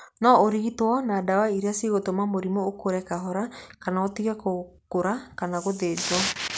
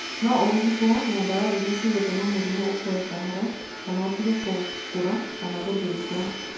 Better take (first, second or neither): first